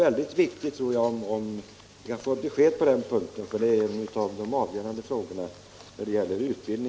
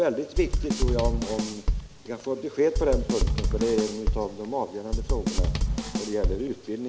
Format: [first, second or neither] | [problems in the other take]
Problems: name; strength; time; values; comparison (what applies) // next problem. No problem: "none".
first | background sound (Drum / Drum kit); 3 dB above the speech